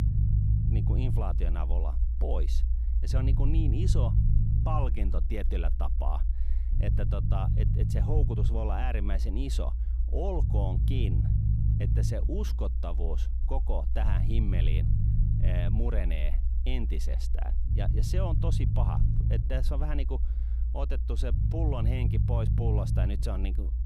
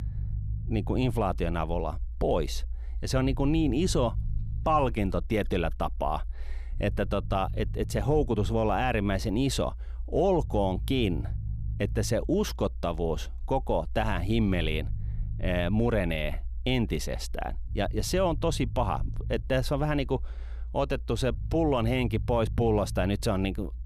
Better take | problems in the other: second | low rumble; loud; throughout; 5 dB below the speech; faint in the second

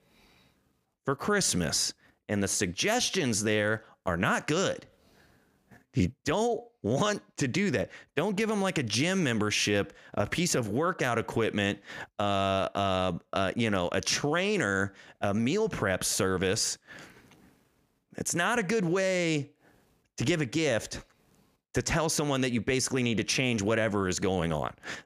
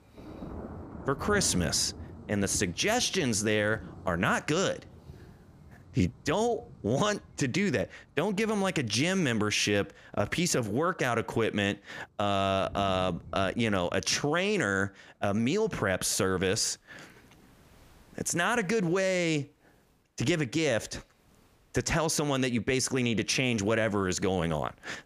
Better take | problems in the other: first | rain or running water; noticeable; throughout; 20 dB below the speech

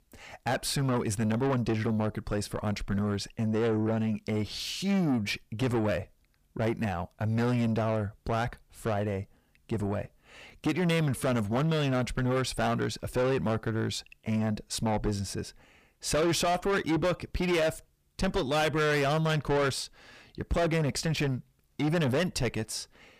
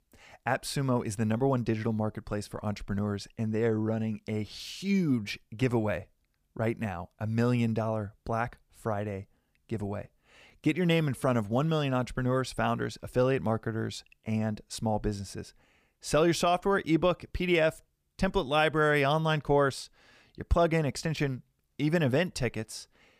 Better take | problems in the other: second | distortion; heavy; 7 dB below the speech

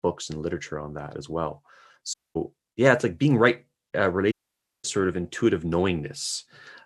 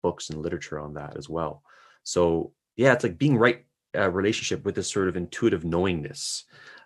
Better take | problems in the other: second | audio cutting out; at 2 s and at 4.5 s for 0.5 s

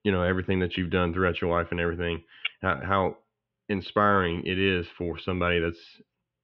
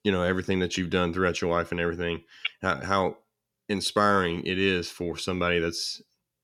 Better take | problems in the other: second | muffled; very; fading above 3 kHz

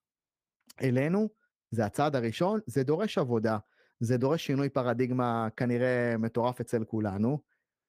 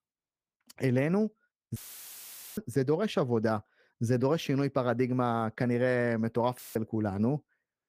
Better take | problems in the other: first | audio cutting out; filled with static; at 2 s for 1 s and at 6.5 s

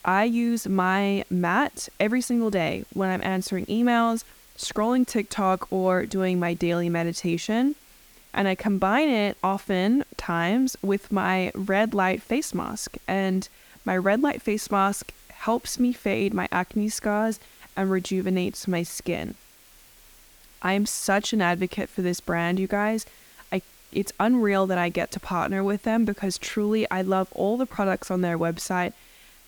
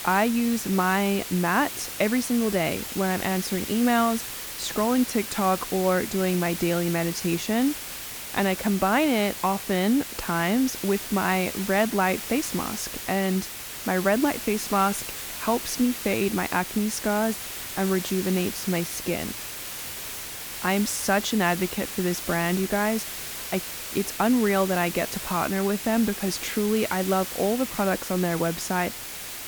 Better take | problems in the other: first | hiss; loud; throughout; 7 dB below the speech; faint in the first

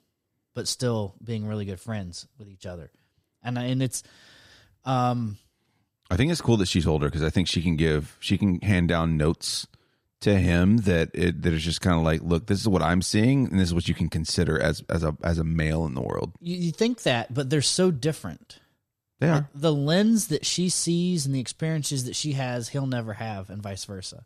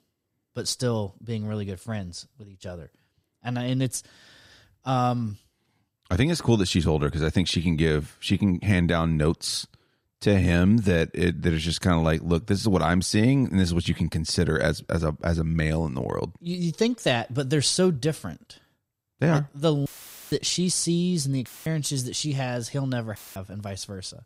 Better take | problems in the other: first | audio cutting out; filled with static; at 20 s, at 21 s and at 23 s

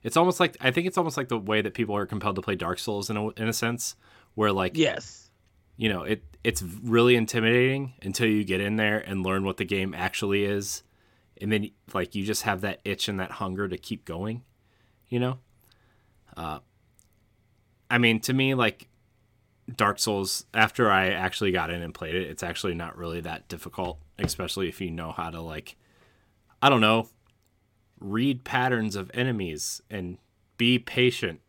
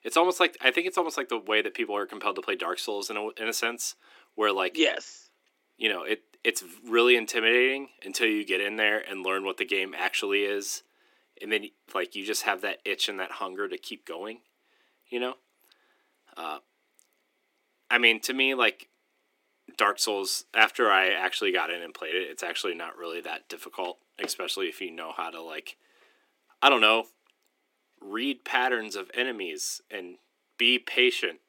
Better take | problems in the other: first | thin; somewhat; fading below 300 Hz

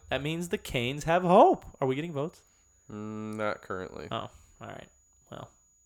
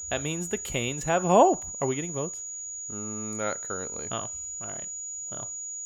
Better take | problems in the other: first | high-pitched whine; loud; throughout; 7 kHz, 6 dB below the speech; faint in the first

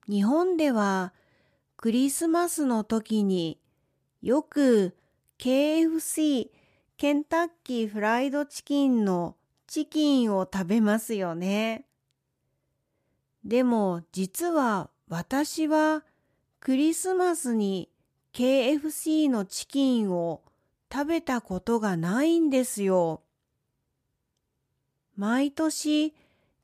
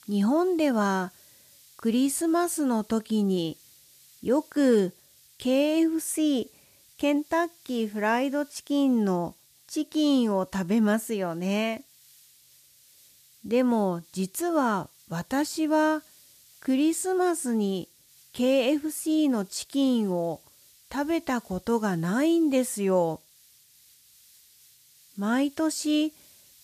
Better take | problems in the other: first | hiss; faint; throughout; 25 dB below the speech

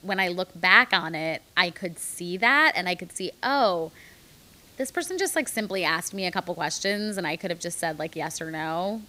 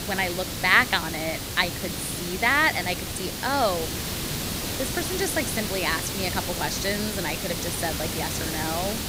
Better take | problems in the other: first | hiss; loud; throughout; 3 dB below the speech; faint in the first

